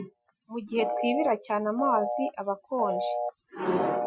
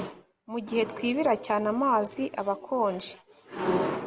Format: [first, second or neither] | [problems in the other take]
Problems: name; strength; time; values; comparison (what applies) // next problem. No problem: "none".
second | noise reduction (classical method Wiener filter)